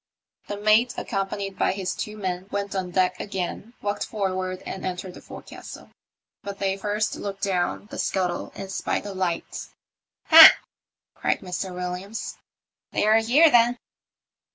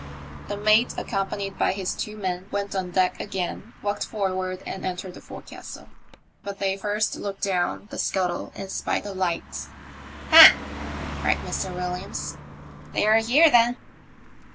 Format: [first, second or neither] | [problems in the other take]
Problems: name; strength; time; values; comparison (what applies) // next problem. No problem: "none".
first | background sound (Car passing by); 14 dB below the speech